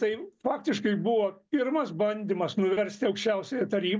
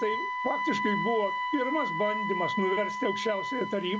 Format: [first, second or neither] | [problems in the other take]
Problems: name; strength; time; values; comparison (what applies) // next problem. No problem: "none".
first | background sound (Wind instrument, woodwind instrument); 1 dB below the speech